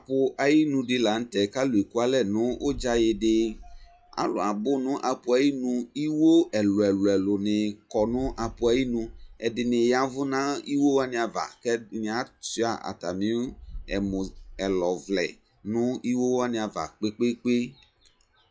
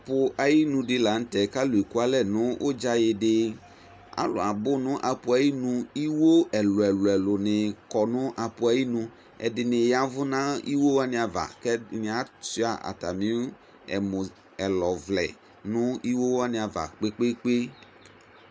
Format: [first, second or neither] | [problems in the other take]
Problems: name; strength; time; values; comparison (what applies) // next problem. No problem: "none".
second | noise reduction (classical method log-MMSE)